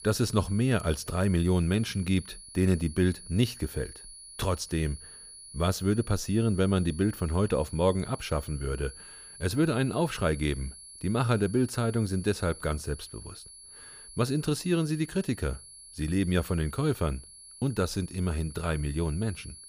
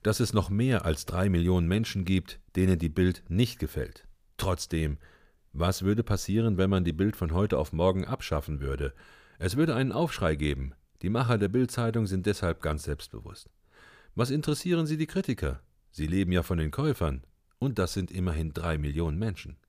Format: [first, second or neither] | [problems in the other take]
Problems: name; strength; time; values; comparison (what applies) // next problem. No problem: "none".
second | high-pitched whine; noticeable; throughout; 10.5 kHz, 15 dB below the speech